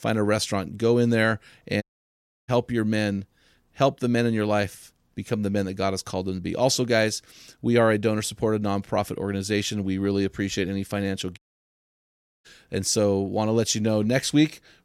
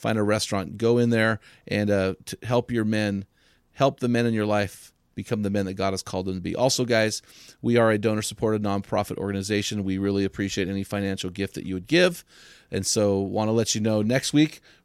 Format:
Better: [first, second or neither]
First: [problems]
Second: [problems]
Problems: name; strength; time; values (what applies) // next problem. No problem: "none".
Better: second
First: audio cutting out; at 2 s for 0.5 s and at 11 s for 1 s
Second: none